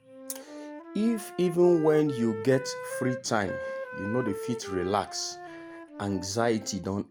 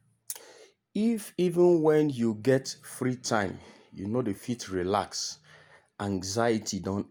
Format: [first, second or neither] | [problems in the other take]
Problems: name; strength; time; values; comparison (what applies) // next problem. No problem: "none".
second | background sound (Wind instrument, woodwind instrument); 11 dB below the speech